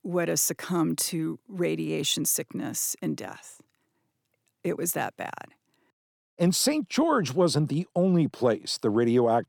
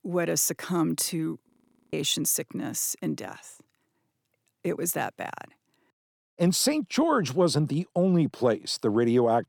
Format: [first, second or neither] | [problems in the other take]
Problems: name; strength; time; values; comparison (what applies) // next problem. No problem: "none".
first | audio freezing; at 1.5 s